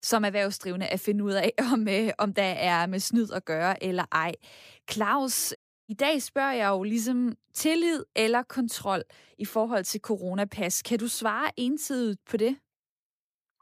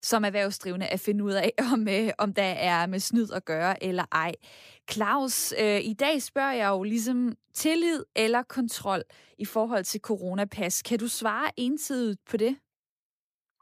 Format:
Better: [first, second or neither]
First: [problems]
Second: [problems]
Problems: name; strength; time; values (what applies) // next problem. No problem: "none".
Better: second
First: audio cutting out; at 5.5 s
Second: none